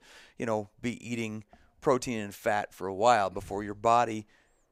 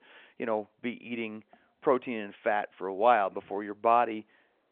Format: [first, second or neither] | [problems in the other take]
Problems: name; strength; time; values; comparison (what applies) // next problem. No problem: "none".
first | phone-call audio